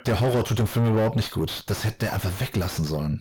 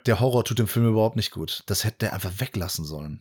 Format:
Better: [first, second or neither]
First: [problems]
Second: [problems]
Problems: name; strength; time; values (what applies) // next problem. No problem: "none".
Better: second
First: distortion; heavy; 5 dB below the speech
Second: none